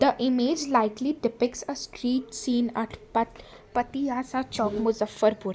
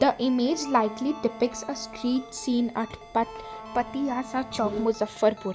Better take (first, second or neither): first